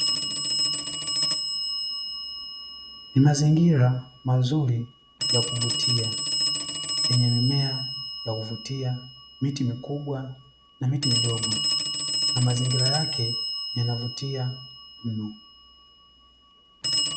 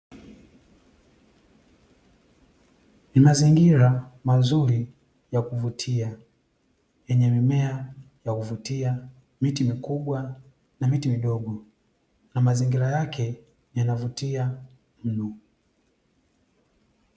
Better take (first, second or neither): second